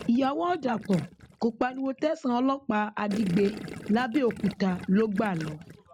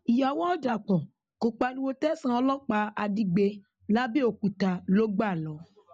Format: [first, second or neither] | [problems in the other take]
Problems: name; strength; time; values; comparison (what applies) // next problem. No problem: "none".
second | background sound (Gurgling); 16 dB below the speech